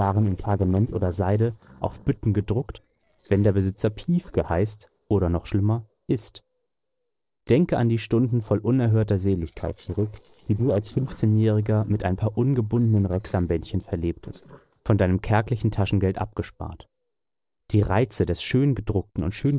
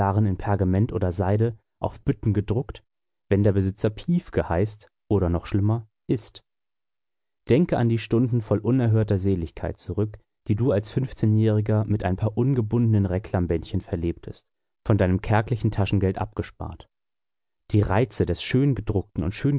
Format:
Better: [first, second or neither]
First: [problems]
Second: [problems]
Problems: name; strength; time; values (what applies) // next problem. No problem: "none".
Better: second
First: noise reduction (neural separator model SepFormer DNS4)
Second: none